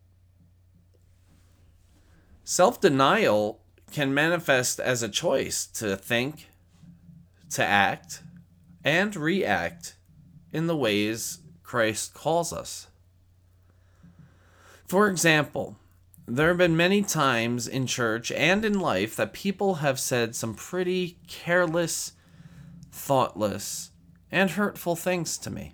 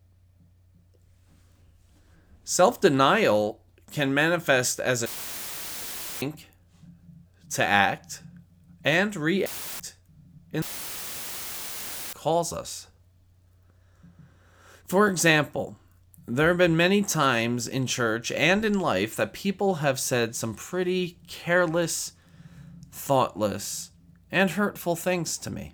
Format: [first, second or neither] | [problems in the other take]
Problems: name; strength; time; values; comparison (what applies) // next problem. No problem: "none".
first | audio cutting out; filled with static; at 5 s for 1 s, at 9.5 s and at 11 s for 1.5 s